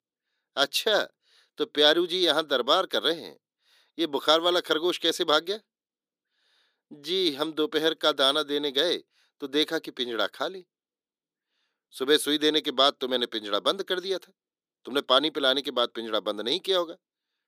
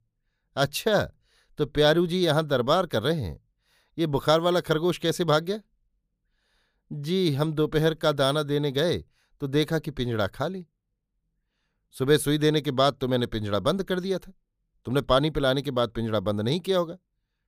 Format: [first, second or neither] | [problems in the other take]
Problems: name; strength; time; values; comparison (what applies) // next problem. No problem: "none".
second | thin; somewhat; fading below 300 Hz